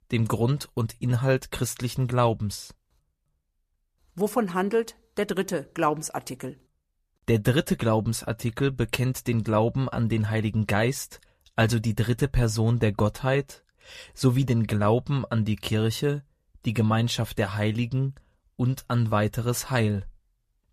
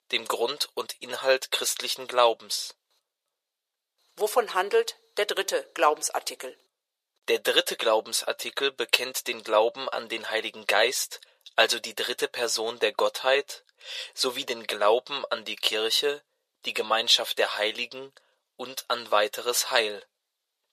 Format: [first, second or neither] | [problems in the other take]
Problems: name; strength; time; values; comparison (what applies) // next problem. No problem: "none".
first | thin; very; fading below 500 Hz